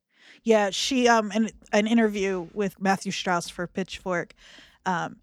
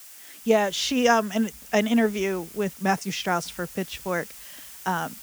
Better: first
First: none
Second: hiss; noticeable; throughout; 15 dB below the speech

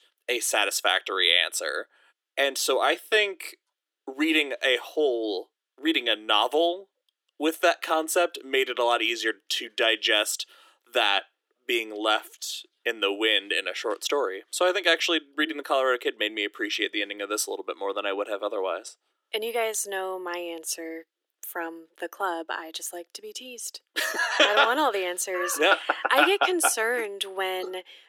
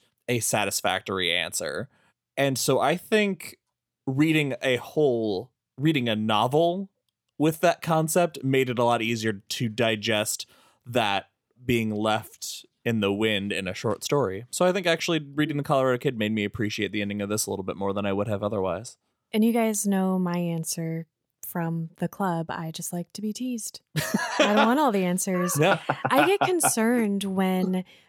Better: second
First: thin; very; fading below 300 Hz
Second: none

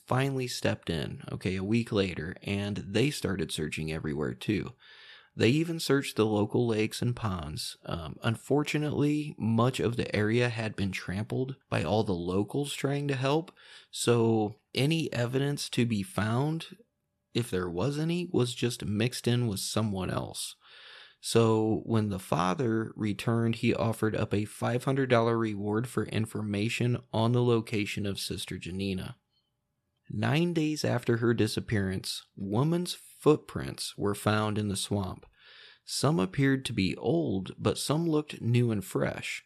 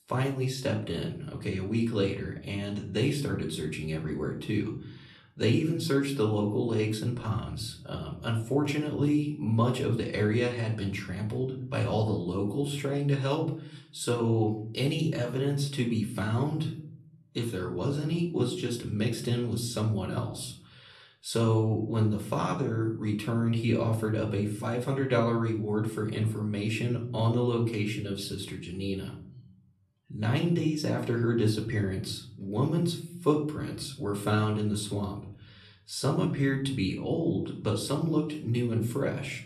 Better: first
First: none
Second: room echo; slight; dies away in 0.6 s // off-mic speech; somewhat distant

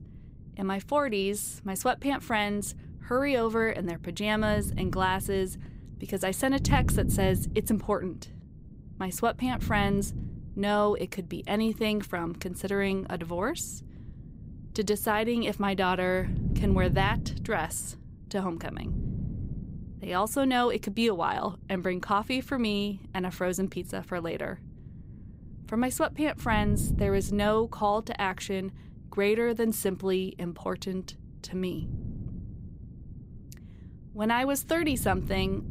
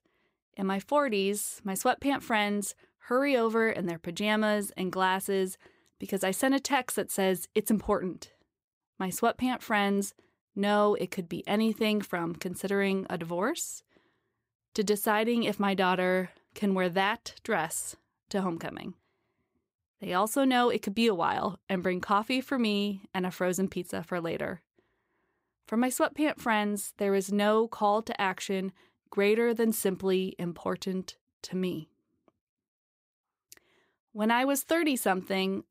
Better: second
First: wind noise on the microphone; occasional gusts; 20 dB below the speech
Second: none

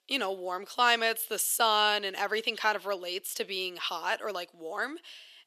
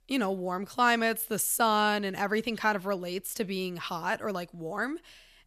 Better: second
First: thin; somewhat; fading below 350 Hz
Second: none

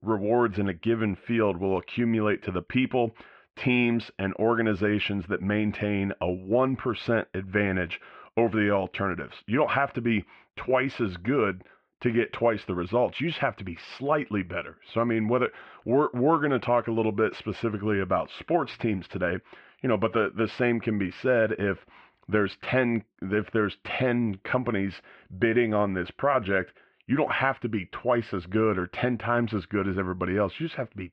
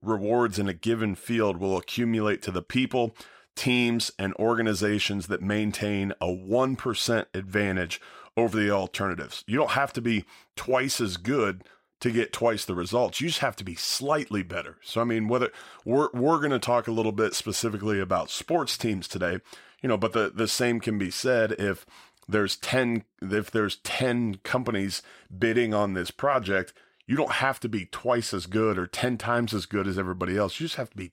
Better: second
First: muffled; very; fading above 2.5 kHz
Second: none

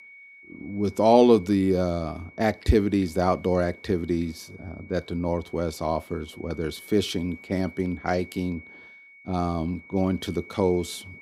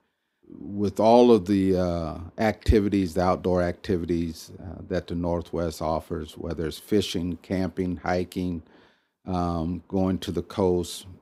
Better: second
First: high-pitched whine; faint; throughout; 2 kHz, 20 dB below the speech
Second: none

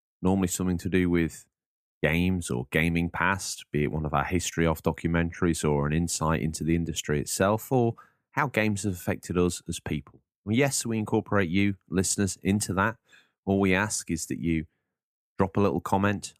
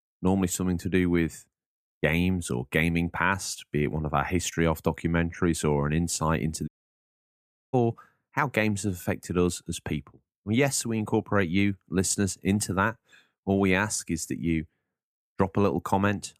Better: first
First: none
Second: audio cutting out; at 6.5 s for 1 s

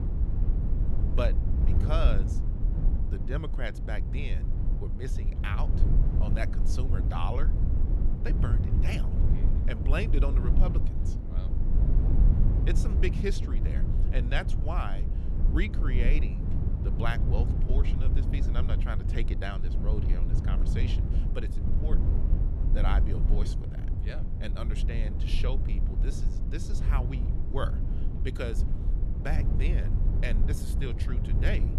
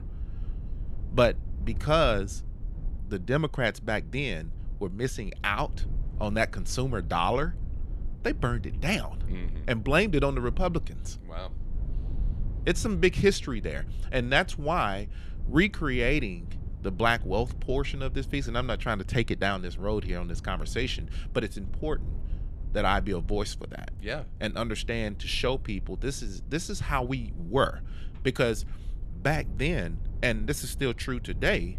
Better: second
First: low rumble; loud; throughout; 5 dB below the speech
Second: low rumble; faint; throughout; 25 dB below the speech

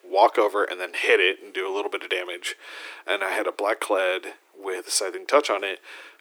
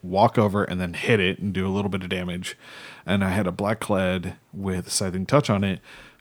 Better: second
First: thin; very; fading below 300 Hz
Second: none

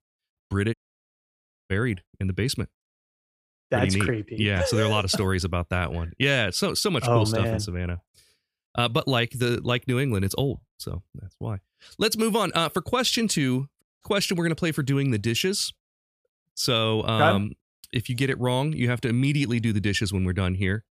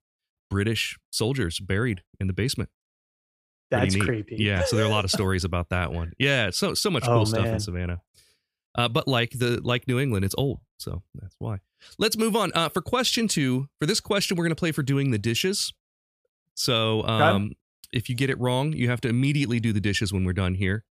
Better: second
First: audio cutting out; at 0.5 s for 1 s and at 14 s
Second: none

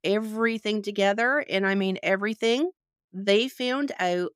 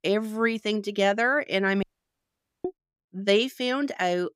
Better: first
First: none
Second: audio cutting out; at 2 s for 1 s

